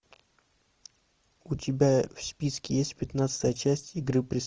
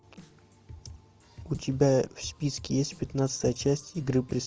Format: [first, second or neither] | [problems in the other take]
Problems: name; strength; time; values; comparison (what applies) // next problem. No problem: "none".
first | background sound (Drum kit); 19 dB below the speech